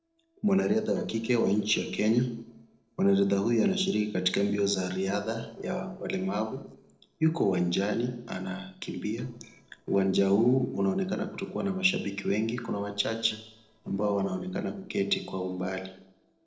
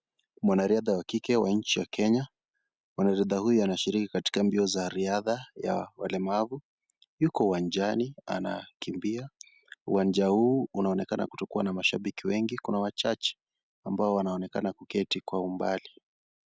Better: second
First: noise reduction (neural separator model SepFormer DNS4)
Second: none

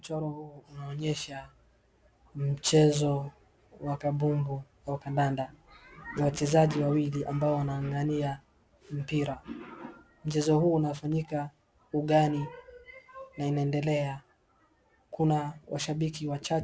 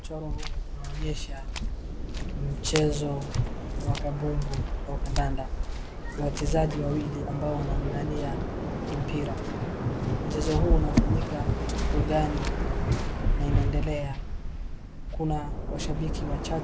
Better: first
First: none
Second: background sound (Waves, surf + Bowed string instrument); 4 dB above the speech

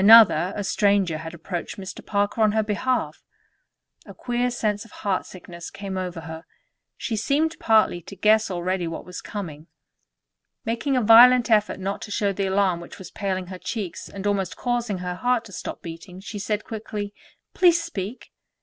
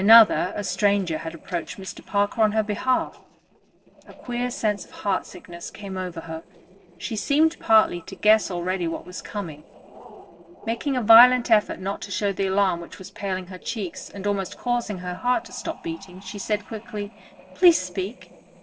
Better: first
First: none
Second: noise reduction (neural separator model SepFormer DNS4)

